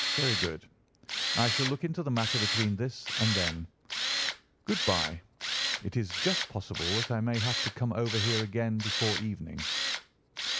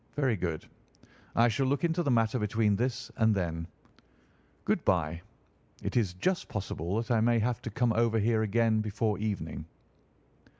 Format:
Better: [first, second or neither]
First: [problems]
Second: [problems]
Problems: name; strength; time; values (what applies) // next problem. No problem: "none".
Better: second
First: background sound (Tools); 1 dB below the speech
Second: none